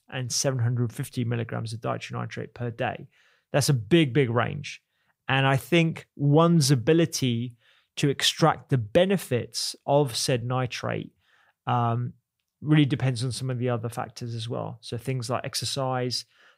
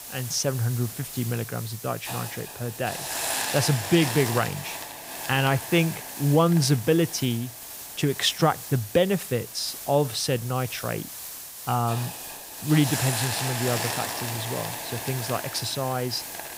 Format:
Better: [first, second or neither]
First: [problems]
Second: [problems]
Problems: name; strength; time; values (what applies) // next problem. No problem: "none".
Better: first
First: none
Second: hiss; loud; throughout; 6 dB below the speech